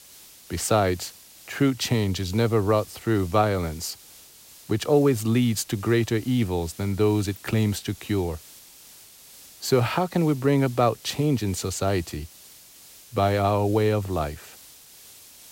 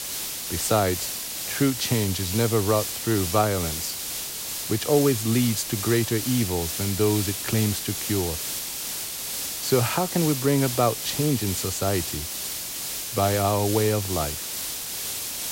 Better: first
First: hiss; faint; throughout; 20 dB below the speech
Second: hiss; loud; throughout; 3 dB below the speech

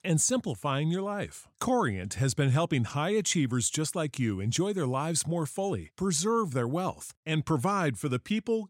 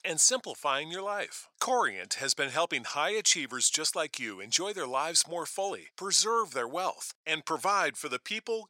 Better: first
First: none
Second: thin; very; fading below 650 Hz

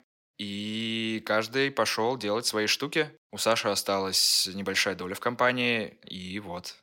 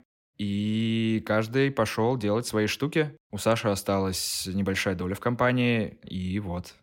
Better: second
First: thin; somewhat; fading below 1 kHz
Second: none

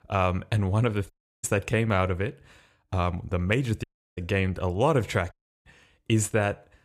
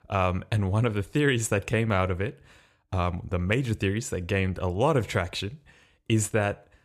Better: second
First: audio cutting out; at 1 s, at 4 s and at 5.5 s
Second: none

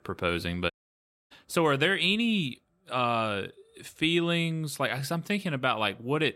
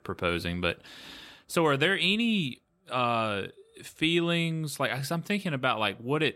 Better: second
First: audio cutting out; at 0.5 s for 0.5 s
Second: none

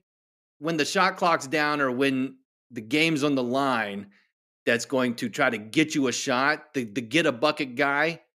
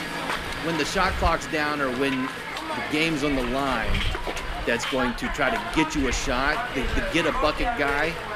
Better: first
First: none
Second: hiss; loud; throughout; 3 dB below the speech

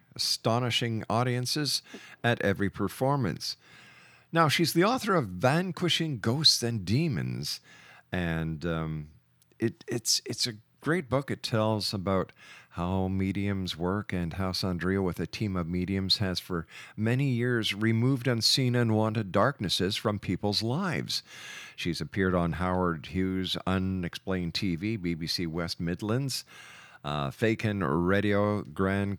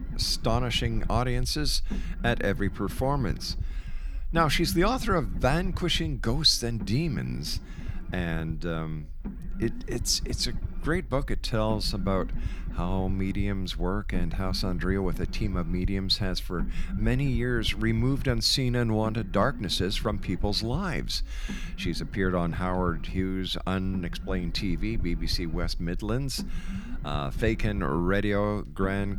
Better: first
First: none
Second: low rumble; noticeable; throughout; 20 dB below the speech

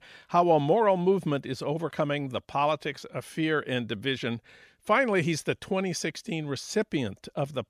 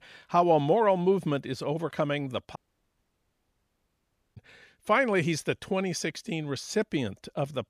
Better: first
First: none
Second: audio cutting out; at 2.5 s for 2 s

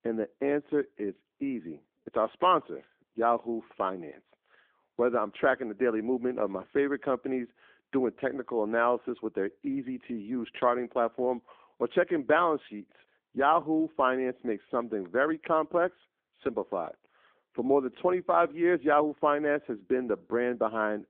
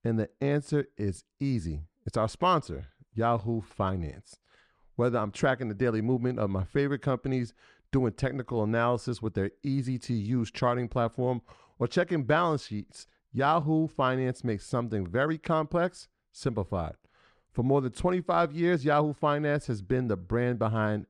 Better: second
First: phone-call audio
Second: none

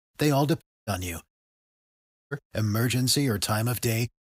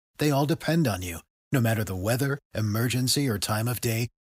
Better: second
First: audio cutting out; at 0.5 s and at 1.5 s for 1 s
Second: none

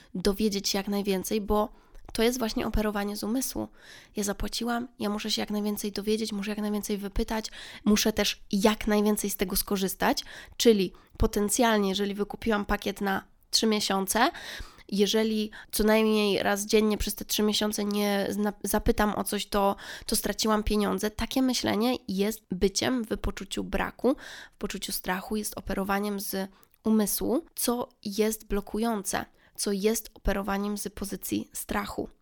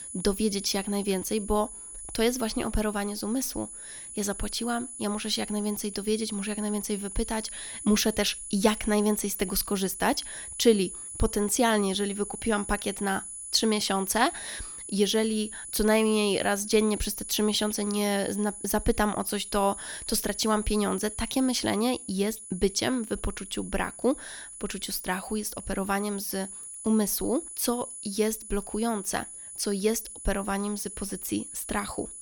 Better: first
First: none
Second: high-pitched whine; loud; throughout; 10 kHz, 10 dB below the speech

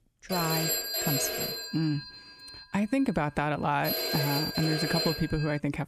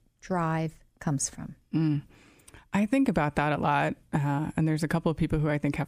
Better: second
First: phone ringing; loud; peak 3 dB above the speech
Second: none

